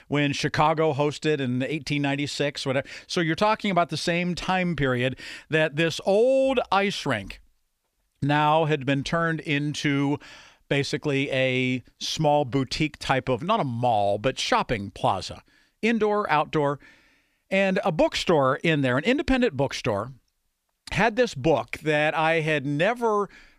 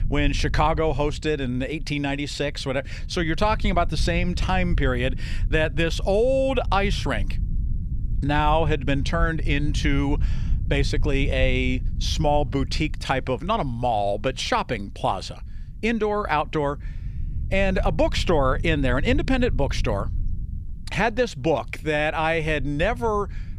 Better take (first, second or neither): first